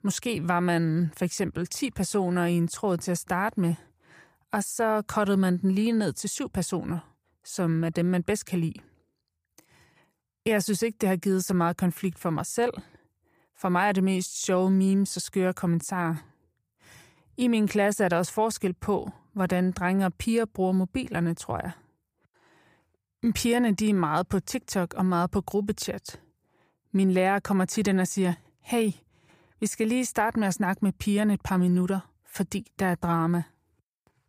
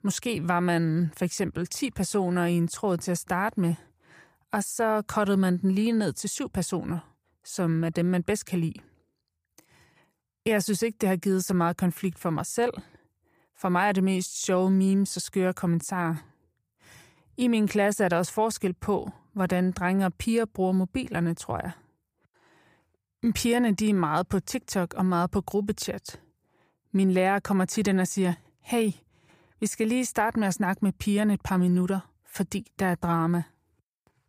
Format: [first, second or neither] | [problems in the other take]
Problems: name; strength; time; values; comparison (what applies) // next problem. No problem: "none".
neither | none